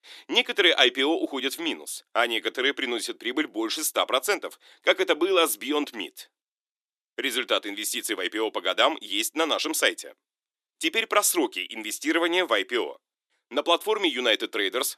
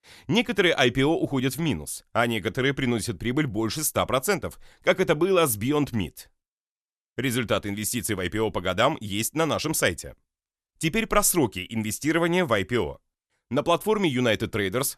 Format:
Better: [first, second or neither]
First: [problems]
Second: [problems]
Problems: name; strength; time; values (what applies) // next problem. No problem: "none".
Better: second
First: thin; somewhat; fading below 300 Hz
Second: none